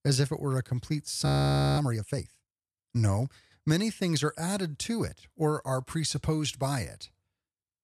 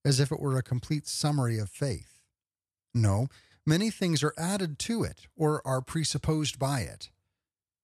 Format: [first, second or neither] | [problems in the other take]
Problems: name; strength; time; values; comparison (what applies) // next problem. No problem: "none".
second | audio freezing; at 1.5 s for 0.5 s